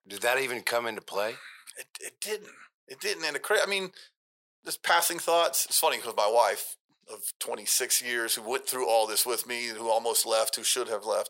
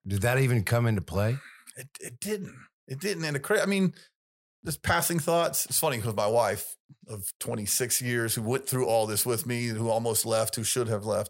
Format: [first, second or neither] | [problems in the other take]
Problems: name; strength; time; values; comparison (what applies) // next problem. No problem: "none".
second | thin; very; fading below 400 Hz